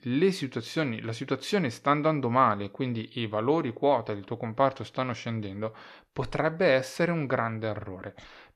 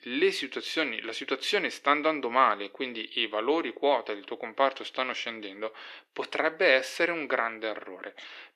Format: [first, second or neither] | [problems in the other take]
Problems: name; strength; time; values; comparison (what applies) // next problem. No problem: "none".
first | thin; somewhat; fading below 350 Hz